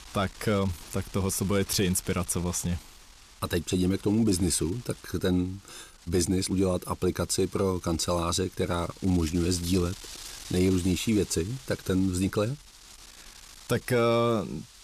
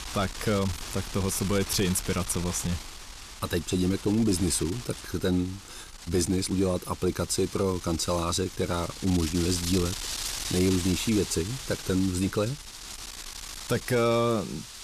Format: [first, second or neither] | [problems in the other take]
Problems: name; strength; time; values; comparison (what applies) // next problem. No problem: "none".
first | wind noise on the microphone; heavy; 8 dB below the speech; occasional gusts in the first